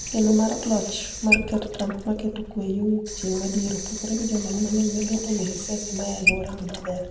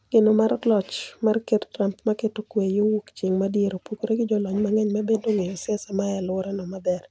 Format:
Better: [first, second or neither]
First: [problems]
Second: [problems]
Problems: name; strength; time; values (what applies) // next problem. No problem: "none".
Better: second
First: background sound (Sink (filling or washing) / Water tap, faucet); 5 dB below the speech // room echo; dies away in 0.9 s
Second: none